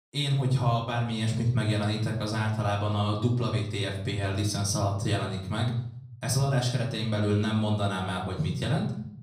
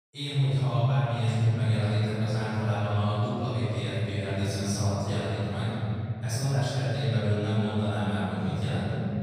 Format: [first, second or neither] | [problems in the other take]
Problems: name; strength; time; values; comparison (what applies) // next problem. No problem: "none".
first | room echo; strong; dies away in 2.7 s; slight in the first // off-mic speech; far; far in the first